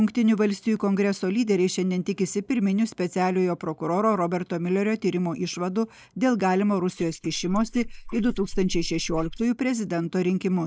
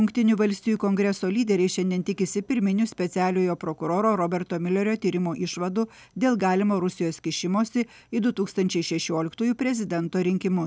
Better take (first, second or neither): second